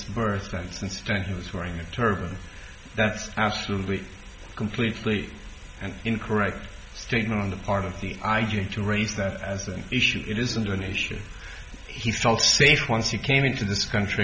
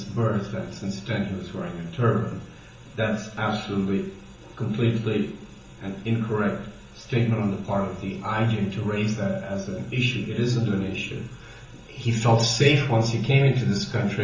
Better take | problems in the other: first | room echo; dies away in 0.6 s

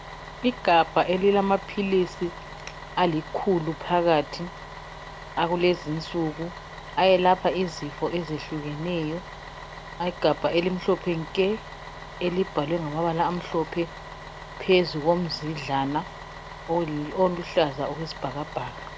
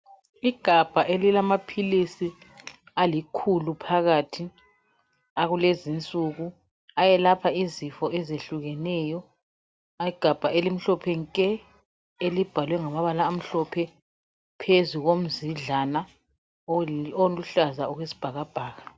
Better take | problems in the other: second | background sound (Bus); 14 dB below the speech

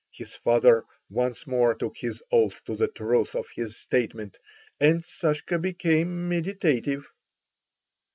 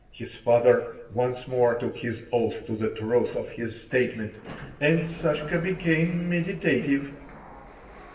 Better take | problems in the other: first | background sound (Sliding door); 20 dB below the speech // room echo; dies away in 0.9 s

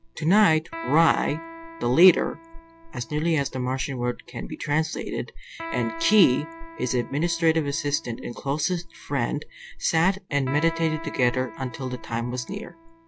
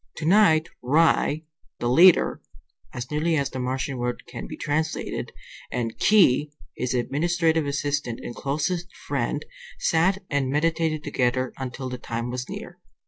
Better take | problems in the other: second | background sound (Electric guitar); 16 dB below the speech

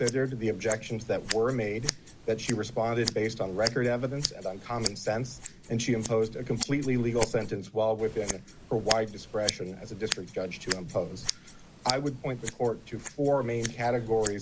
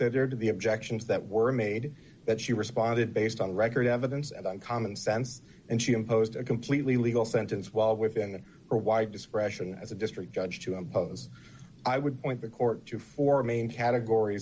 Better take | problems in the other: second | noise reduction (neural mask model Resemble Enhance denoiser)

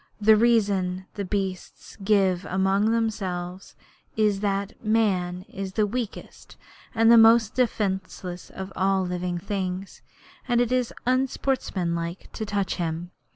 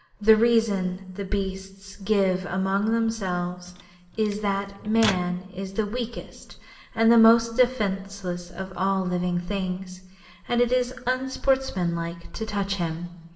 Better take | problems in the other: first | background sound (Microwave oven); 12 dB below the speech // room echo; dies away in 0.9 s

